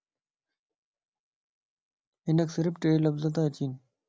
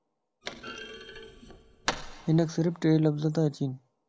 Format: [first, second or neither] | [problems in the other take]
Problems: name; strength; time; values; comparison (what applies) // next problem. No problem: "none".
first | background sound (Thump, thud); 13 dB below the speech